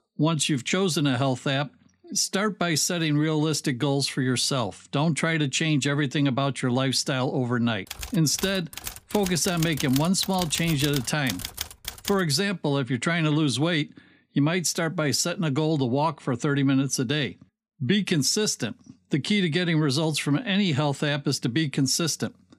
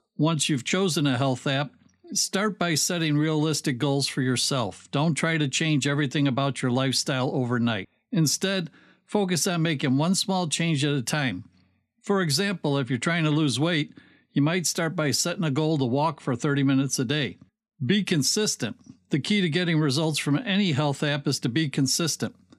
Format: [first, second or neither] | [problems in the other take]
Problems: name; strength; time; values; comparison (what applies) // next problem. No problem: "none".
second | keyboard typing; noticeable; from 8 to 12 s; peak 7 dB below the speech